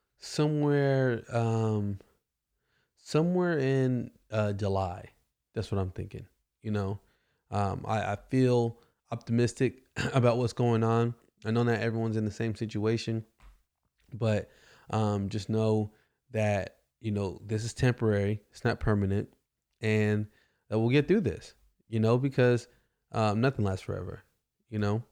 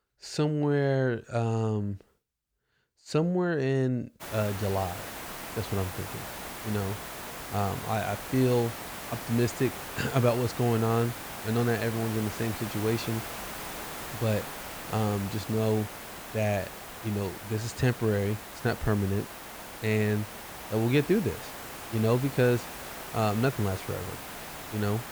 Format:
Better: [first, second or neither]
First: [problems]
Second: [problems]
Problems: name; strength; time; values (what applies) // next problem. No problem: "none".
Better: first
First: none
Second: hiss; loud; from 4 s on; 9 dB below the speech